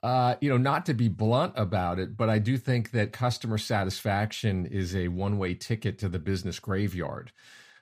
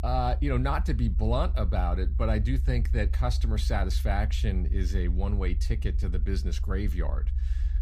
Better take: first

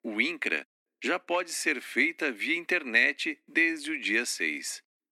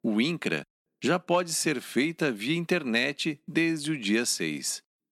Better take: second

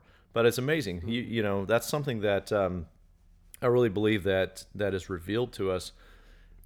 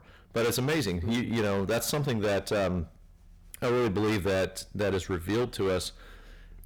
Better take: first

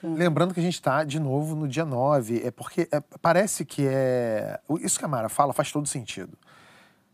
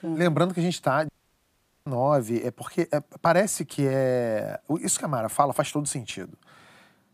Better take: first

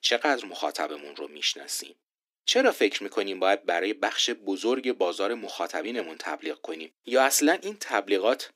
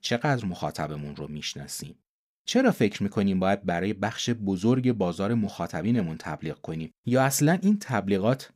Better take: second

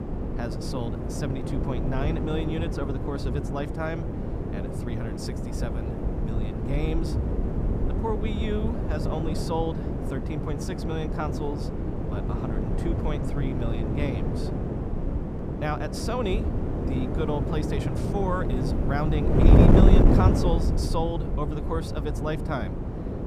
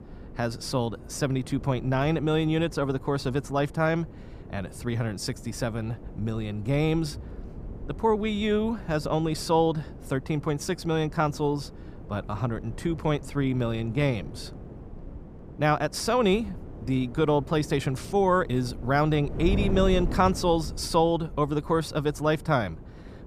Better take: second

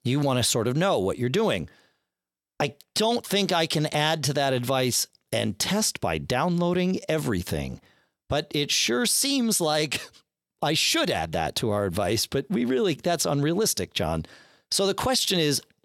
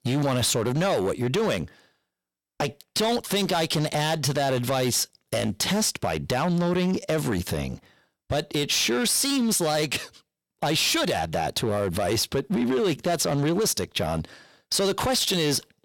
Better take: first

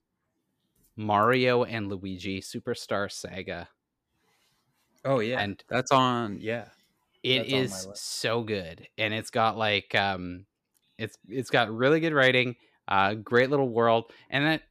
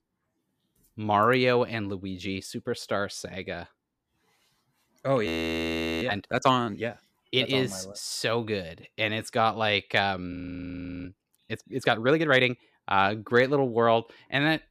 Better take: first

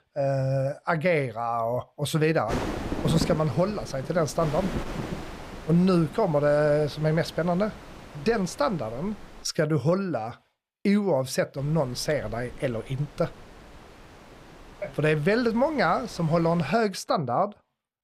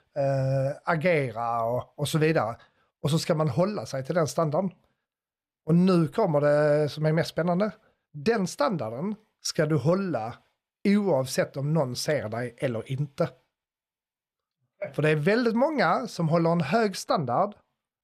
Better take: second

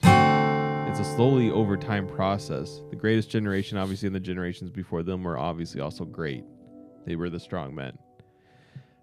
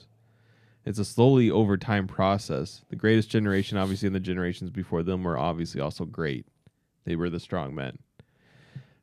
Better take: second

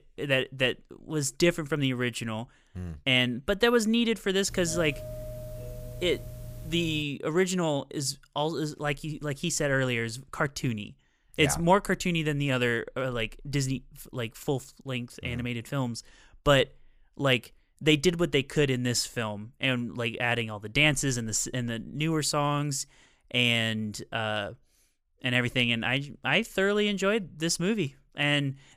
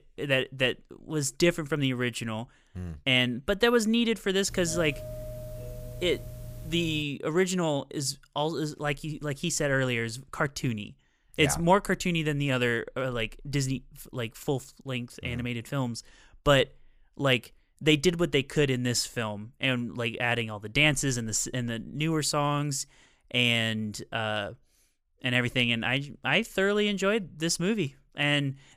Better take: neither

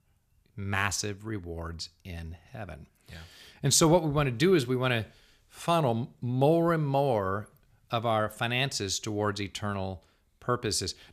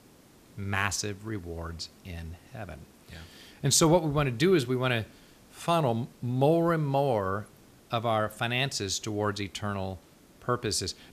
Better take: first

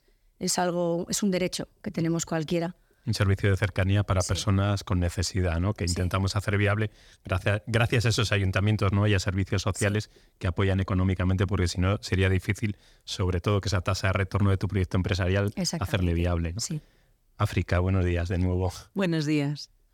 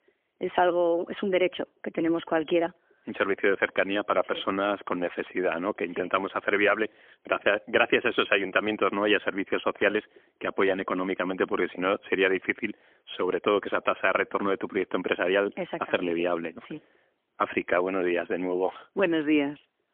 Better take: first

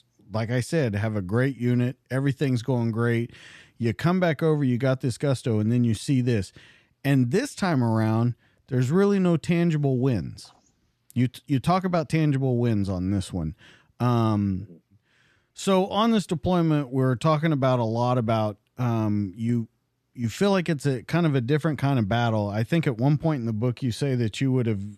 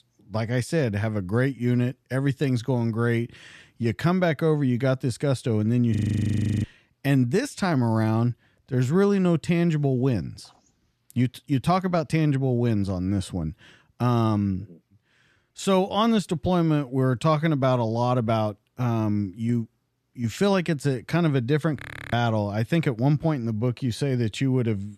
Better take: first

